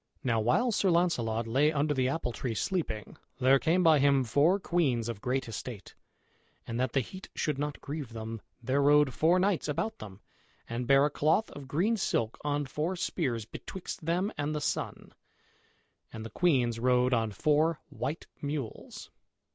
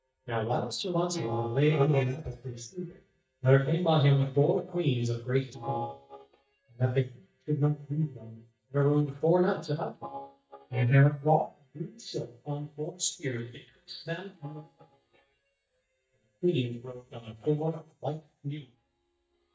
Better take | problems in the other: first | noise reduction (neural mask model DeepFilterNet 3)

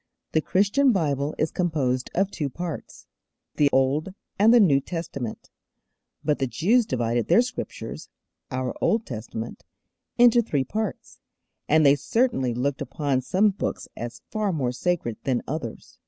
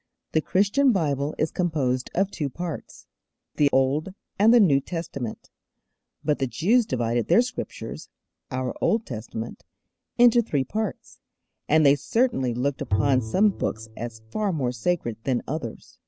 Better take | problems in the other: first | background sound (Bowed string instrument); 8 dB below the speech

